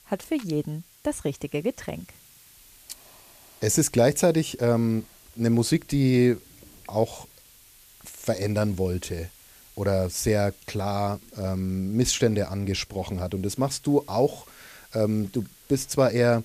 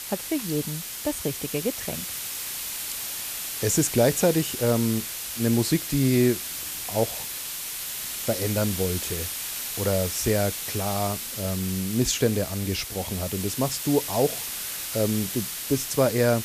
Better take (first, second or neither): first